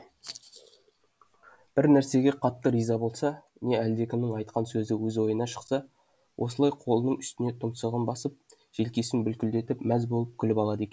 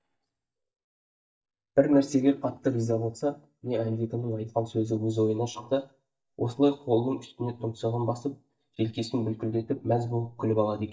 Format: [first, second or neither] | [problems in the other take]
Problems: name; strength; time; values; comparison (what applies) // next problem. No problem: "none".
first | noise reduction (neural mask model DeepFilterNet 3)